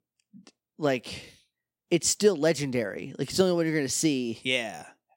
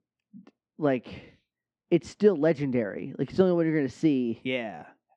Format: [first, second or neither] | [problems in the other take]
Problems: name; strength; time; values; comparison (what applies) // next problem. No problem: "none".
first | muffled; very; fading above 2 kHz